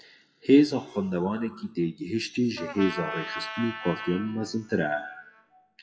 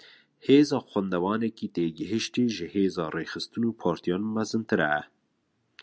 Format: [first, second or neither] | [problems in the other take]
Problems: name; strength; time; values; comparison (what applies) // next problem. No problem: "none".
second | noise reduction (classical method WPE with log-MMSE)